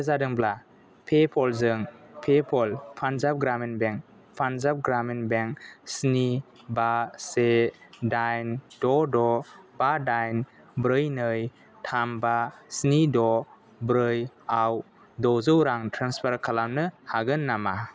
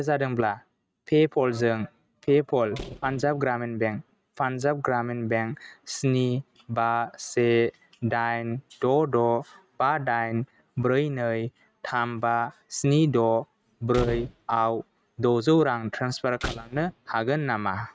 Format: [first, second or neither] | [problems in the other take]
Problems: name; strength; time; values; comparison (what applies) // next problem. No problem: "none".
first | noise reduction (neural mask model RNNoise)